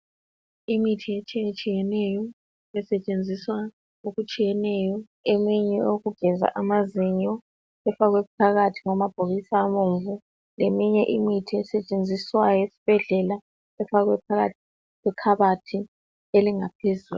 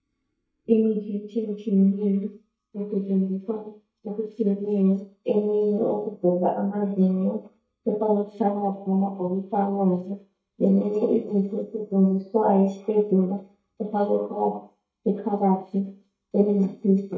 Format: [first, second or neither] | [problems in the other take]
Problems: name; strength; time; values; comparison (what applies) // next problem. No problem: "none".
first | noise reduction (neural mask model DeepFilterNet 3)